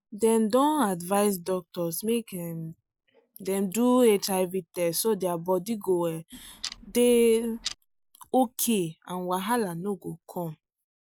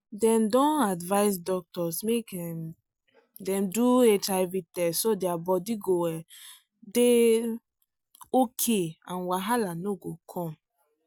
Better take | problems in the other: second | noise reduction (neural mask model Resemble Enhance denoiser)

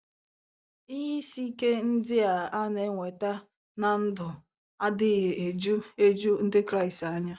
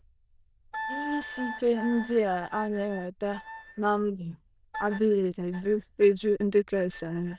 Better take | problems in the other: first | noise reduction (neural diffusion model UNIVERSE++)

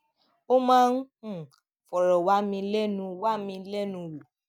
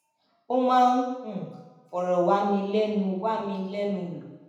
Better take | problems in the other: first | room echo; dies away in 0.9 s

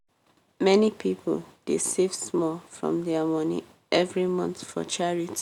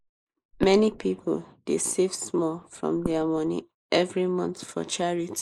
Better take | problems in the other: first | noise reduction (neural mask model Resemble Enhance denoiser)

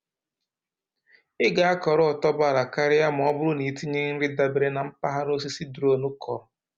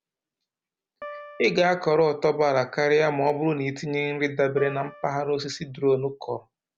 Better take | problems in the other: first | background sound (Piano); 19 dB below the speech

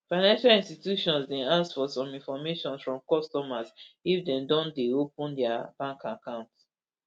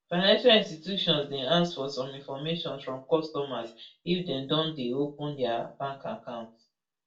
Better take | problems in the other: first | room echo; dies away in 0.2 s

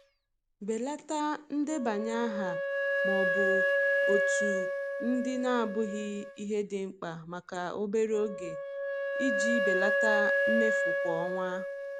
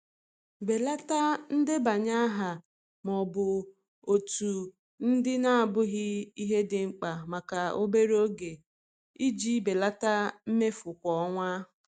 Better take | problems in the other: second | background sound (Wind instrument, woodwind instrument); 2 dB above the speech

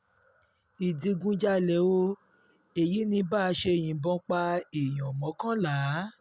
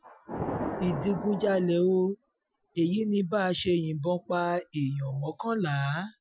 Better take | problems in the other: first | noise reduction (classical method Wiener filter)

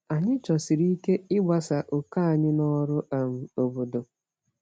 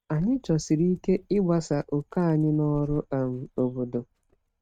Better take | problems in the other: first | noise reduction (neural mask model RNNoise)

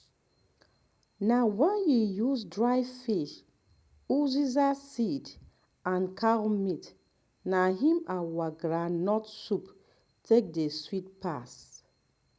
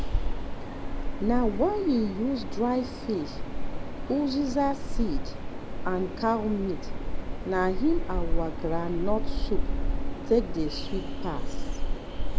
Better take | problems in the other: first | background sound (Train); 2 dB above the speech

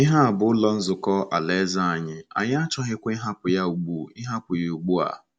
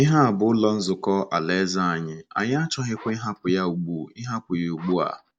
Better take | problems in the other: first | noise reduction (neural mask model DeepFilterNet 3)

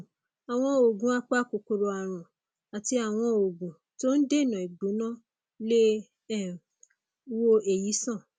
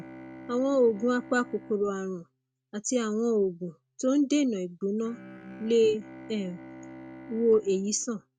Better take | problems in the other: first | noise reduction (neural mask model RNNoise)

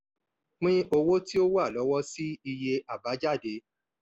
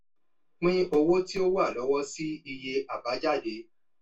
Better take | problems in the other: first | room echo; dies away in 0.2 s

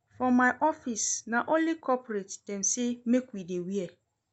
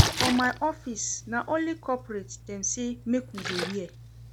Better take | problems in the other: first | background sound (Splash, splatter); 2 dB below the speech

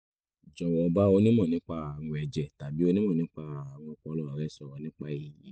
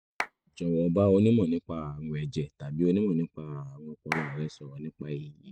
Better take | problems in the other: first | noise reduction (neural mask model RNNoise)

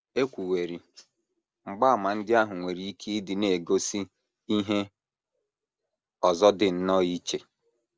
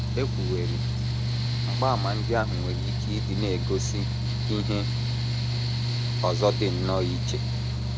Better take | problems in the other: first | background sound (Mechanical fan); 5 dB above the speech

